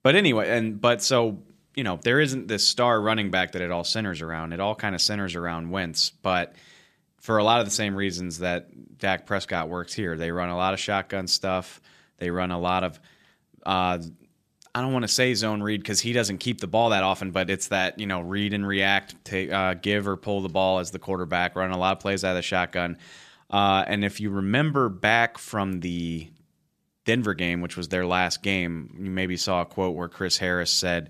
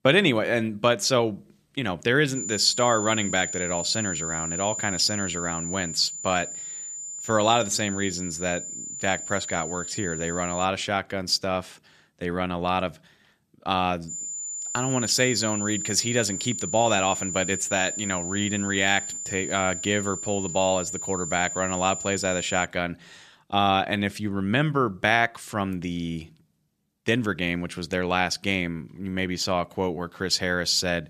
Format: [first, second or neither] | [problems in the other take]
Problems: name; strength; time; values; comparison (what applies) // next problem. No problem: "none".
first | high-pitched whine; loud; from 2.5 to 11 s and from 14 to 23 s; 7 kHz, 5 dB below the speech